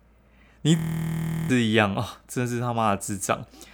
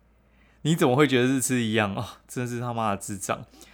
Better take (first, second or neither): second